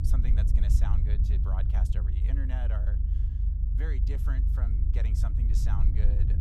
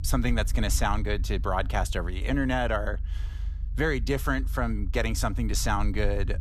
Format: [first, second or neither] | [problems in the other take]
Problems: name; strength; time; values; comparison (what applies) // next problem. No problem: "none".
second | low rumble; loud; throughout; 1 dB below the speech; faint in the second